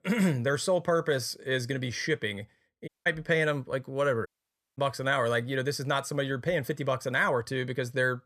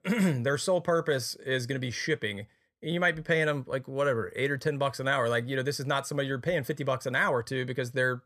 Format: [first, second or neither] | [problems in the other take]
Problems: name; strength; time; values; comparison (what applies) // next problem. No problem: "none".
second | audio cutting out; at 3 s and at 4.5 s for 0.5 s